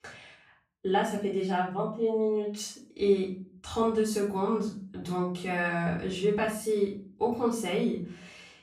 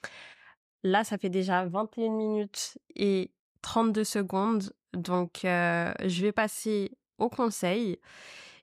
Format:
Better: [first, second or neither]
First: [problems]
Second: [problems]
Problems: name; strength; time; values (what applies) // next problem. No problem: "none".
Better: second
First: off-mic speech; far // room echo; noticeable; dies away in 0.4 s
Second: none